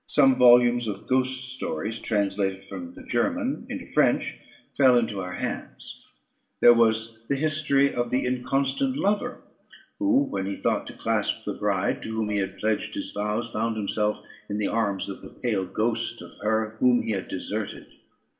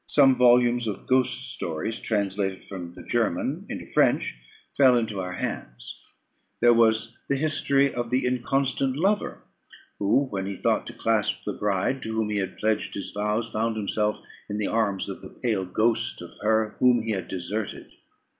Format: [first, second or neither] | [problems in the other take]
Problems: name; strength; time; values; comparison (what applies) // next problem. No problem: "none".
second | noise reduction (neural separator model SepFormer DNS4)